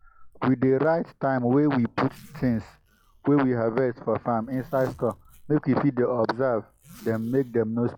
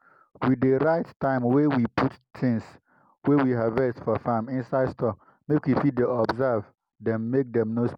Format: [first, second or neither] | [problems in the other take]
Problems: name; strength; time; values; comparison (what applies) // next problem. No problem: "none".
second | noise reduction (classical method log-MMSE)